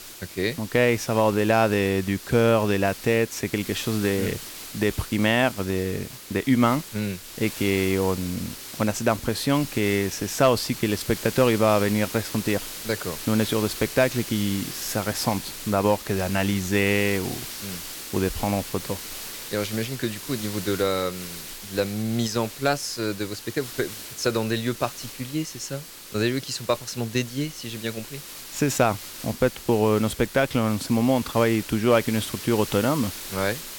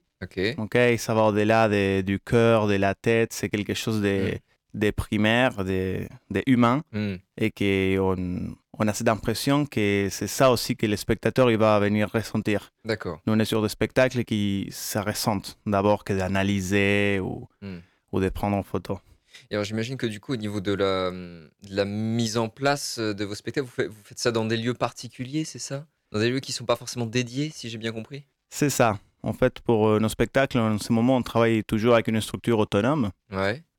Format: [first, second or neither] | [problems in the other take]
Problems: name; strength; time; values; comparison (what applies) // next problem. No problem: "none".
second | hiss; noticeable; throughout; 10 dB below the speech